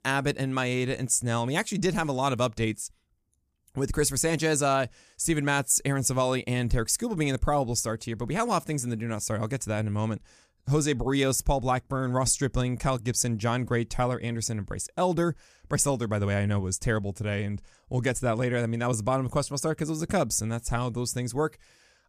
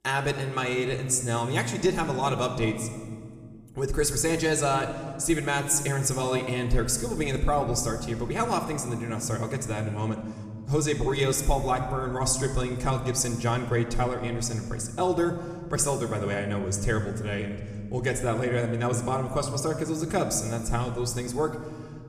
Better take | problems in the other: first | room echo; slight; dies away in 1.6 s

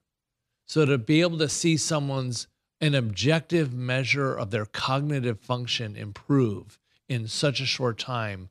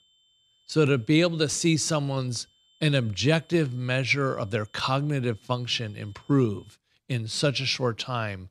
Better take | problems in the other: first | high-pitched whine; faint; until 6.5 s; 3 kHz, 35 dB below the speech

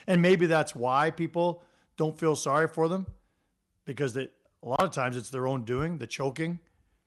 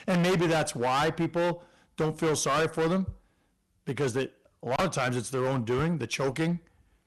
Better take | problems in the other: first | distortion; heavy; 16% of the sound clipped

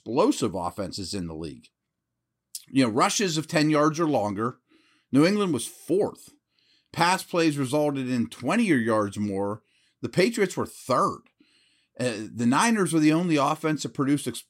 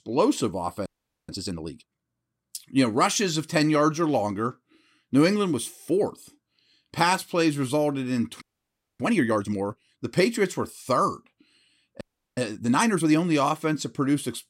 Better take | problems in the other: first | audio freezing; at 1 s, at 8.5 s for 0.5 s and at 12 s

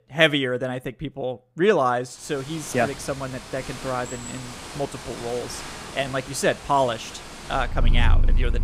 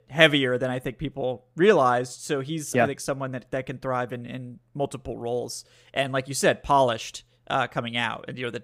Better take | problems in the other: second | animal sounds; loud; from 2.5 s on; 6 dB below the speech

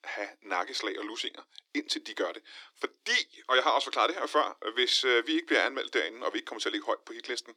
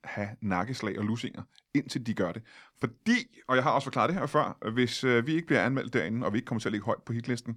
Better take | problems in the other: second | thin; very; fading below 300 Hz

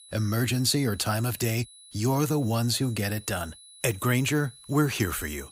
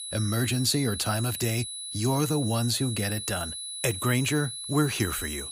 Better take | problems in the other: first | high-pitched whine; loud; throughout; 4 kHz, 6 dB below the speech; faint in the first

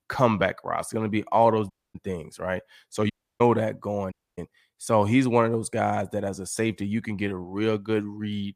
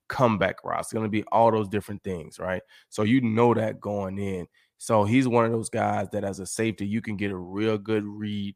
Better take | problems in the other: second | audio cutting out; at 1.5 s, at 3 s and at 4 s

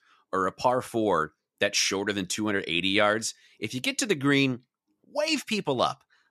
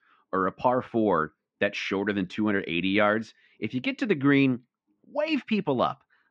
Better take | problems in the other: first | muffled; very; fading above 2.5 kHz

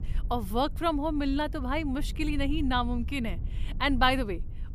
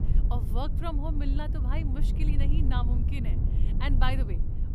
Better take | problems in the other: first | low rumble; loud; throughout; 7 dB below the speech; faint in the first

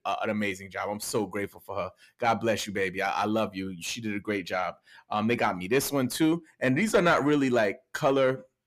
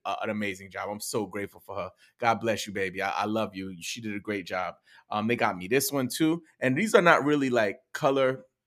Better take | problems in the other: second | distortion; slight; 10 dB below the speech

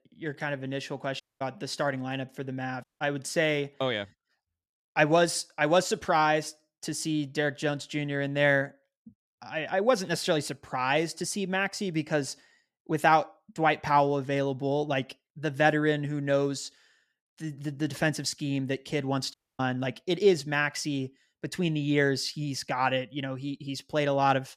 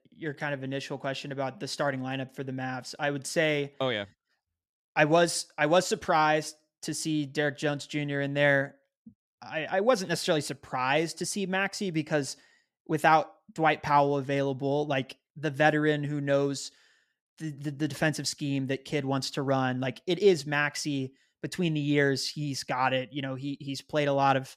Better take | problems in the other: second | audio cutting out; at 1 s, at 3 s and at 19 s

